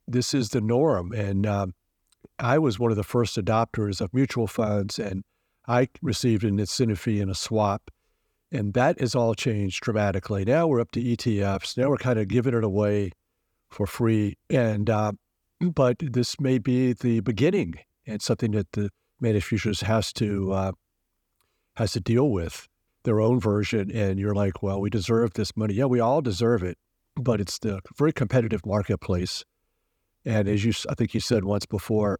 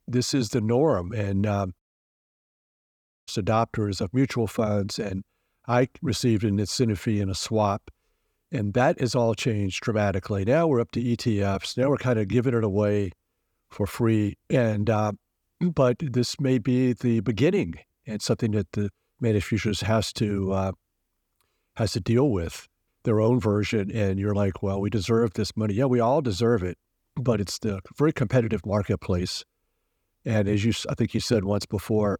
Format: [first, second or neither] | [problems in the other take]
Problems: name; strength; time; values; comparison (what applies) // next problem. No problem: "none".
first | audio cutting out; at 2 s for 1.5 s